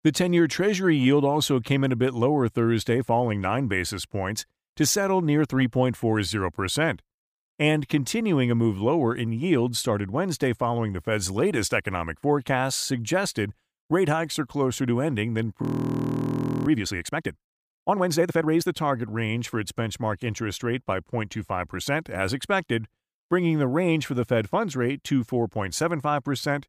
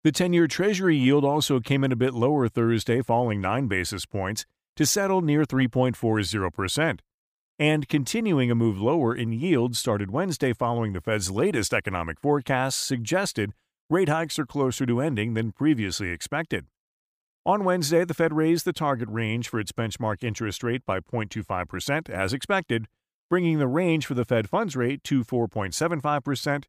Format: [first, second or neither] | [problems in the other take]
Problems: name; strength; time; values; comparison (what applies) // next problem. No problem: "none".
second | audio freezing; at 16 s for 1 s